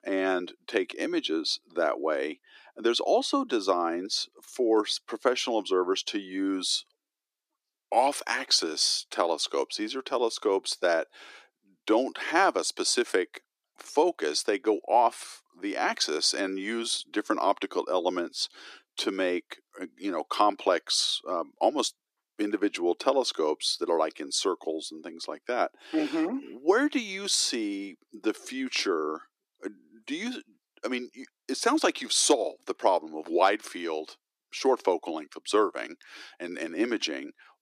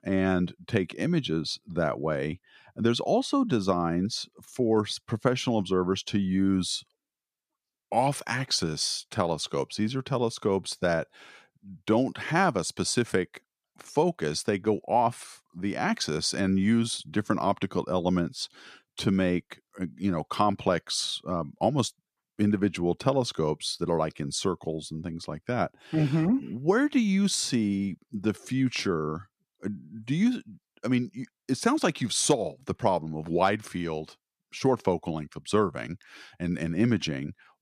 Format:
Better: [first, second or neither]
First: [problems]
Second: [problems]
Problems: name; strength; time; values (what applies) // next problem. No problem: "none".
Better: second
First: thin; somewhat; fading below 300 Hz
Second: none